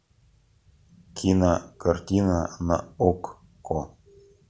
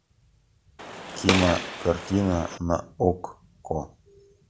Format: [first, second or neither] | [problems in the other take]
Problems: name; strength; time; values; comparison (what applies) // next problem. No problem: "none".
first | background sound (Gunshot, gunfire); 3 dB below the speech